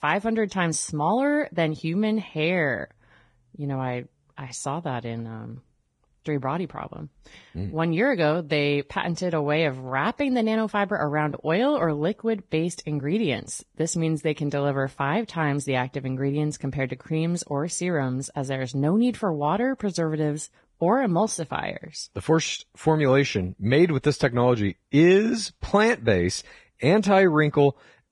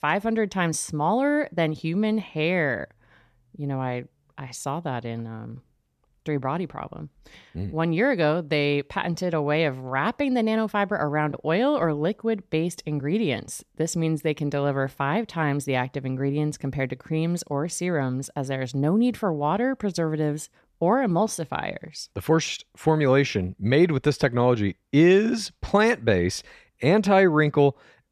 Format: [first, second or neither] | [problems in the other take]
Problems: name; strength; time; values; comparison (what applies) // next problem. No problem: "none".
second | garbled, watery; badly